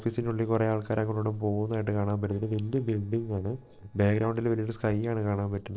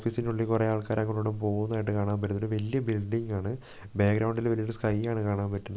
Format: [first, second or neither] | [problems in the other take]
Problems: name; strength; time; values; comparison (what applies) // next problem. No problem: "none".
second | noise reduction (neural separator model SepFormer DNS4)